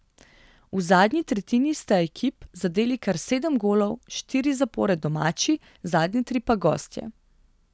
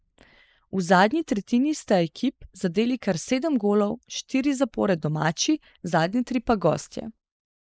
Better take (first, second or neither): first